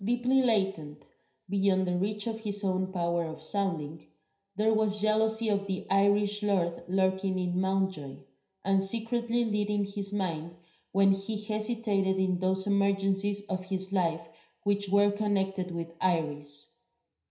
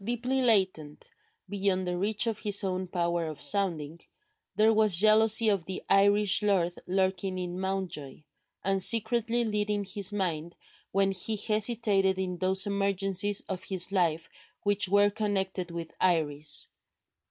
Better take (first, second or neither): second